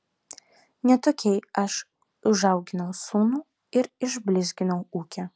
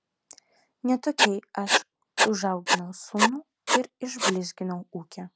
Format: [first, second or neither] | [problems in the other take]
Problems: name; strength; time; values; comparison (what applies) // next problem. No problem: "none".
first | background sound (Writing); 4 dB above the speech